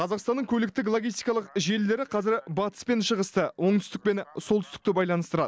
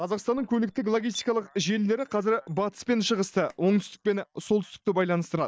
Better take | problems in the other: first | noise reduction (neural mask model DeepFilterNet 3)

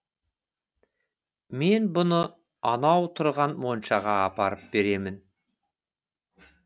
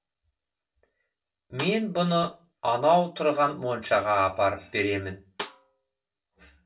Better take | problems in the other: first | background sound (Snare drum); 16 dB below the speech // room echo; dies away in 0.2 s

